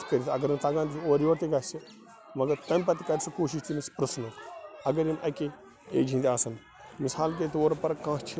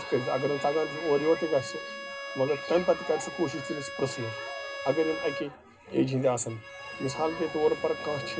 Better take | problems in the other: first | background sound (Bowed string instrument); 10 dB below the speech // room echo; dies away in 0.2 s

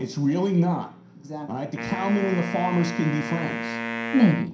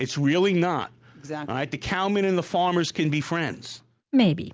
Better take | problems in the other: second | background sound (Wind instrument, woodwind instrument); 8 dB below the speech // room echo; dies away in 0.5 s

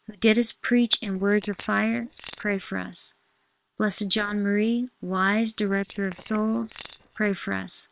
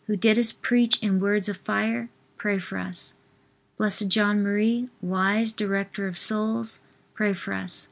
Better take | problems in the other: second | noise reduction (neural separator model SepFormer WHAM!)

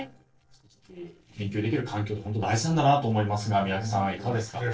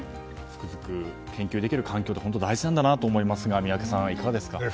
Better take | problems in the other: second | noise reduction (neural separator model SepFormer DNS4)

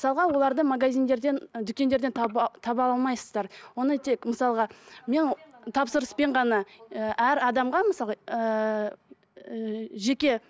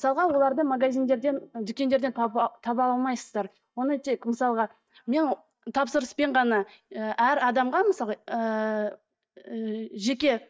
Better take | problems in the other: first | noise reduction (neural mask model DeepFilterNet 3)

